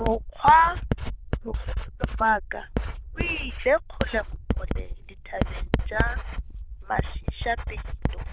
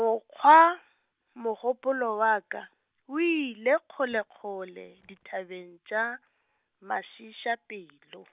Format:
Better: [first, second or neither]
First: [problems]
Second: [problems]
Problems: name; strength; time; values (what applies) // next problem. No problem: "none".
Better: second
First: noise reduction (neural diffusion model UNIVERSE++)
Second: none